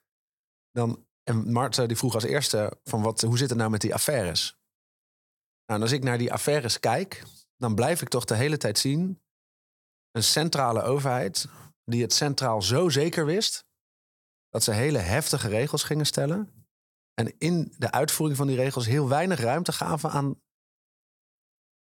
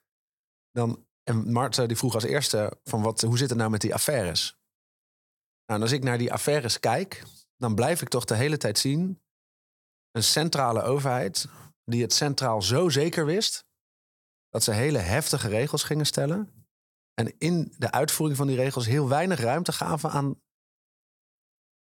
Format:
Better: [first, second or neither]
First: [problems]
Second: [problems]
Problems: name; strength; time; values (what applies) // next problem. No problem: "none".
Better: neither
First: none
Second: none